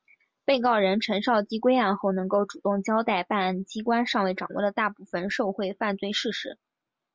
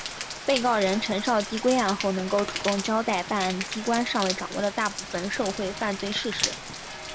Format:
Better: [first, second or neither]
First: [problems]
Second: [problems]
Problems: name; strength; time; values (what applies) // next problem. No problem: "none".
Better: first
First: none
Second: background sound (Rain); 7 dB below the speech